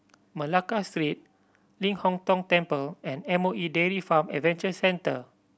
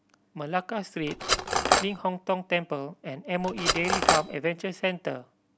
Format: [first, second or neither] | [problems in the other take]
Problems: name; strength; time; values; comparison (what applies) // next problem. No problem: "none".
first | background sound (Cutlery, silverware); 5 dB above the speech